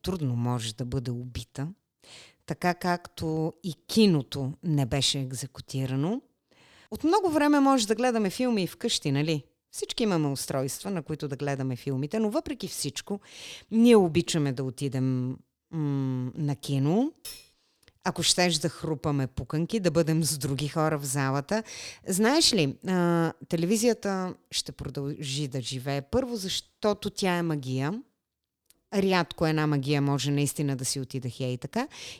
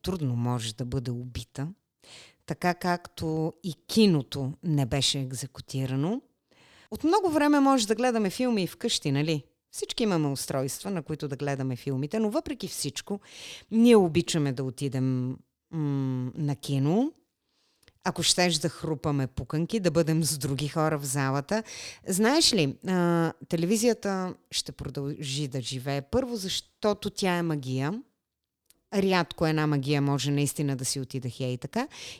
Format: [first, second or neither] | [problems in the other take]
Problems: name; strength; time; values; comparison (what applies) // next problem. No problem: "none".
second | clattering dishes; faint; at 17 s; peak 15 dB below the speech